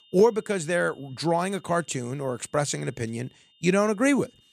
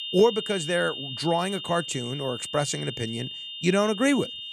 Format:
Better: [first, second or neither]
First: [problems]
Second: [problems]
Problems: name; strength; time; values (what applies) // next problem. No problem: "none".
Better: first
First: high-pitched whine; faint; throughout; 3 kHz, 30 dB below the speech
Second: high-pitched whine; loud; throughout; 3 kHz, 8 dB below the speech